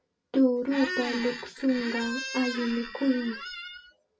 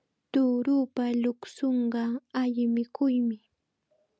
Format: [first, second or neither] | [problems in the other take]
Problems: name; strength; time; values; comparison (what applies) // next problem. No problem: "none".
second | background sound (Squeak); 8 dB below the speech // room echo; dies away in 0.2 s